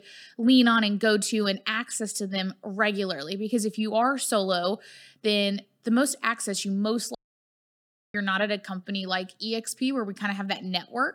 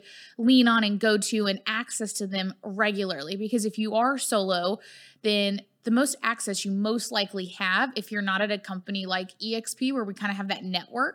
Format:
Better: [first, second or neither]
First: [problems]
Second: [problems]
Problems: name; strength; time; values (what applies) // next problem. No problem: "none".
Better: second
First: audio cutting out; at 7 s for 1 s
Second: none